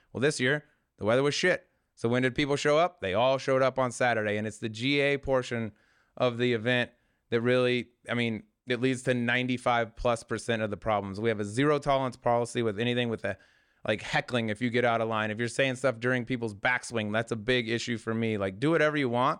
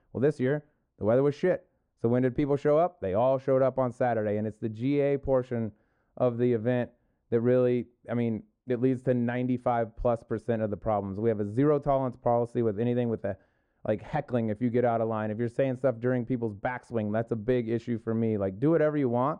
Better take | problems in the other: first | muffled; very; fading above 1.5 kHz

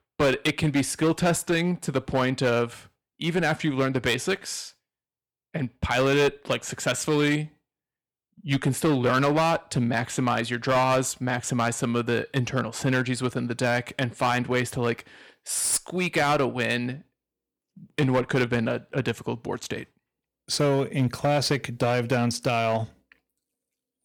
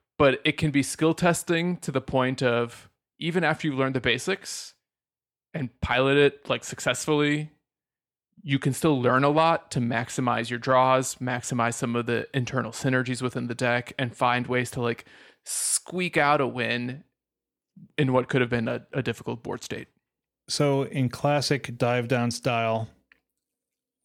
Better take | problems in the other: second | distortion; slight; 7% of the sound clipped

